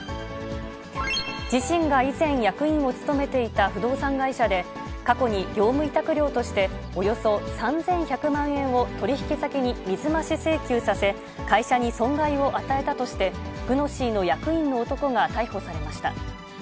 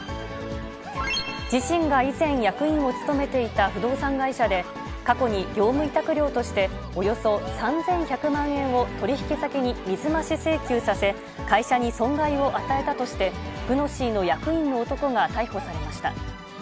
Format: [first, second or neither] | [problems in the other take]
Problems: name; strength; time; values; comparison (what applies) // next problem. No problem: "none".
first | background sound (Crowd / Cheering); 17 dB below the speech